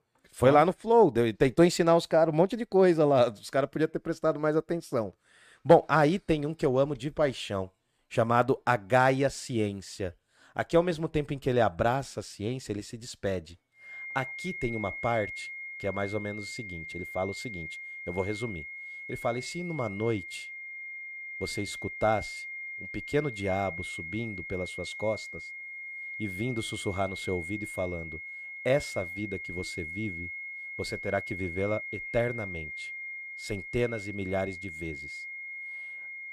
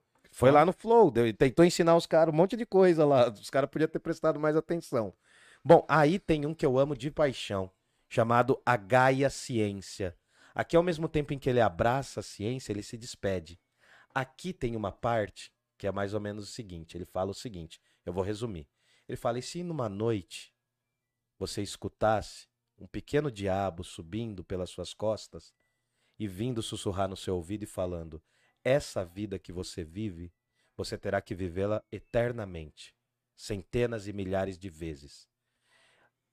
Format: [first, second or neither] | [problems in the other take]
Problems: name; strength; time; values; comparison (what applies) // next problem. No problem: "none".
second | high-pitched whine; loud; from 14 s on; 2 kHz, 9 dB below the speech